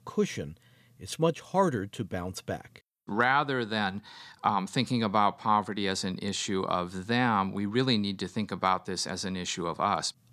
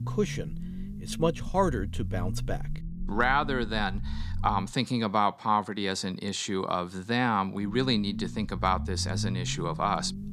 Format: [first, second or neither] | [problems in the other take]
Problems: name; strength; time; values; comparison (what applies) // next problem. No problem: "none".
first | low rumble; noticeable; until 4.5 s and from 7.5 s on; 20 dB below the speech